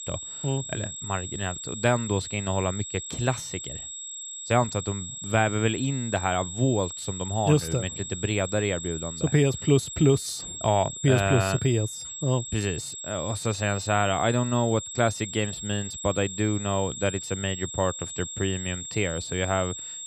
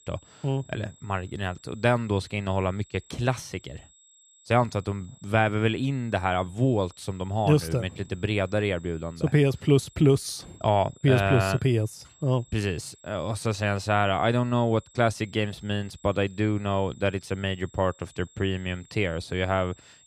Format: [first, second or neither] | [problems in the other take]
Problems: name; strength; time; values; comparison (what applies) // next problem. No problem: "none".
second | high-pitched whine; loud; throughout; 7.5 kHz, 8 dB below the speech; faint in the second